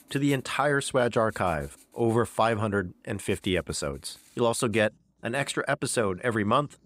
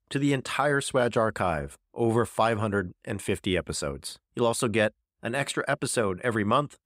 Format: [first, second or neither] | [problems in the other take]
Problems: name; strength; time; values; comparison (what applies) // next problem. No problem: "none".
second | household noises; faint; throughout; 30 dB below the speech